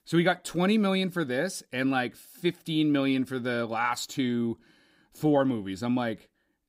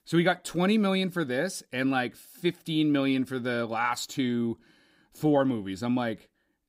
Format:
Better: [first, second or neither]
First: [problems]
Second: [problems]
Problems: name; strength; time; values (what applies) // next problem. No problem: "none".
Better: neither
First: none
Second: none